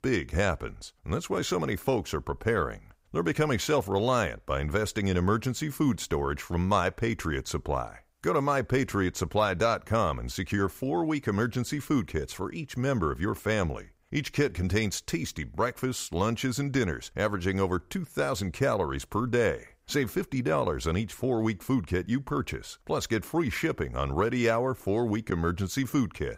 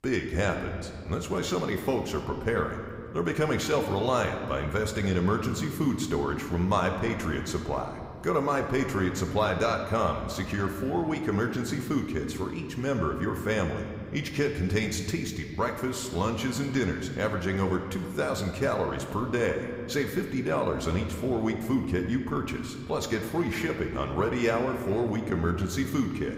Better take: first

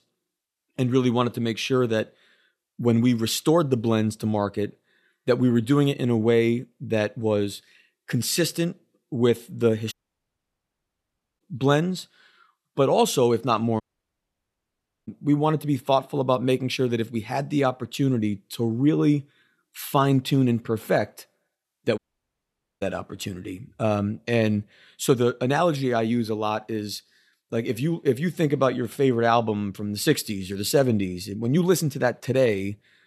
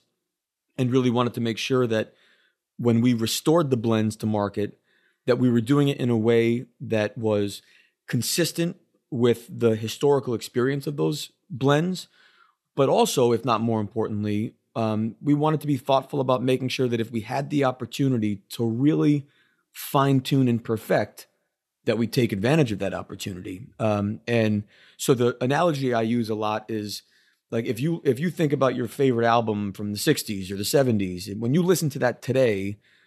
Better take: second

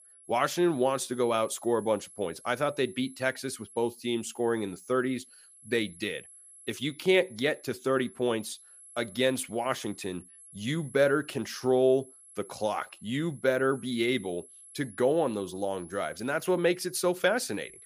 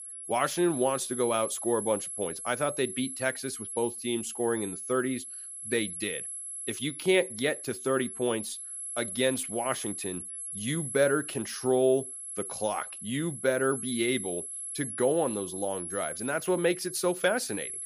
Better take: first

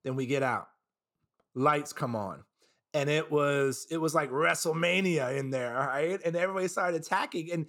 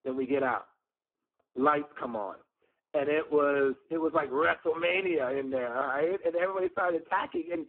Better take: first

